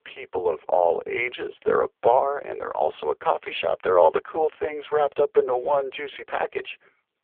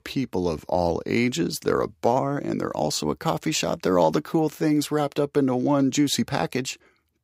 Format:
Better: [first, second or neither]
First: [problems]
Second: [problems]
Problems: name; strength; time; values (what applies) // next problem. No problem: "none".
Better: second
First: phone-call audio; poor line; nothing above 3.5 kHz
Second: none